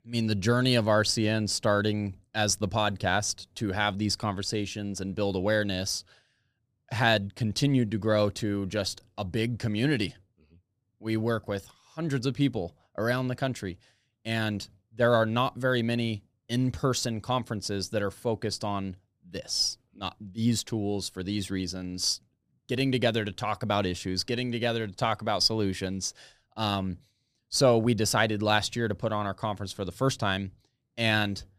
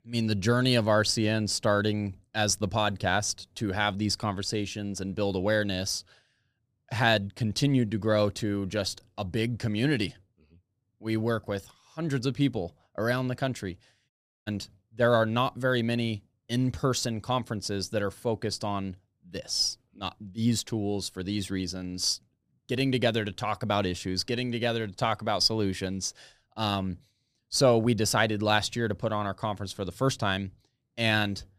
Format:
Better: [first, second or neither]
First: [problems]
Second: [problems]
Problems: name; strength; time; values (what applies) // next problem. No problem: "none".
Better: first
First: none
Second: audio cutting out; at 14 s